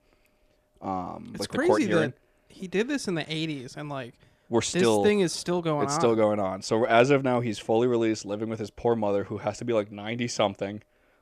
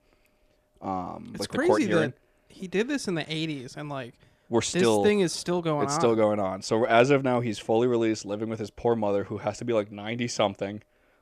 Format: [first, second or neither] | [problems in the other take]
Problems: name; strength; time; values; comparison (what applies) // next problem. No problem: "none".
neither | none